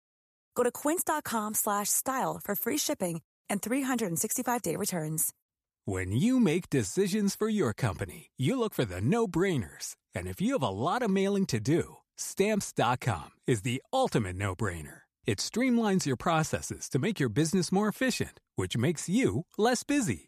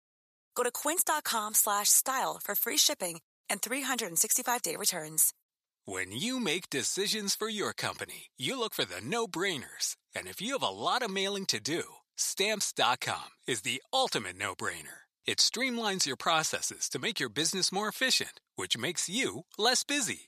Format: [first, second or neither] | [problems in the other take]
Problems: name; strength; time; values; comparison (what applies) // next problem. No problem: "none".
first | thin; somewhat; fading below 1 kHz